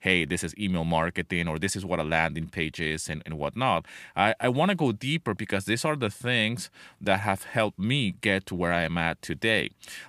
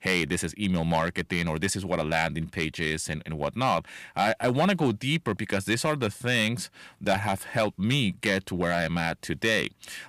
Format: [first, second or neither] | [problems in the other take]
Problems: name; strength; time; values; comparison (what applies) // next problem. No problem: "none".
first | distortion; slight; 2% of the sound clipped